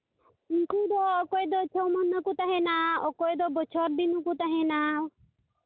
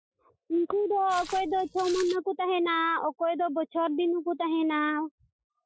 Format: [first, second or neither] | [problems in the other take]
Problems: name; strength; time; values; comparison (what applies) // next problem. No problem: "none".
first | noise reduction (classical method Wiener filter)